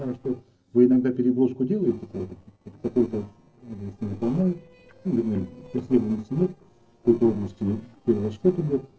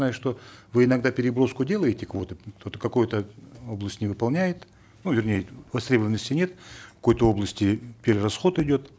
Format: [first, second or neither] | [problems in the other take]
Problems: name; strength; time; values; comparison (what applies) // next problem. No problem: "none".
second | noise reduction (neural separator model SepFormer DNS4)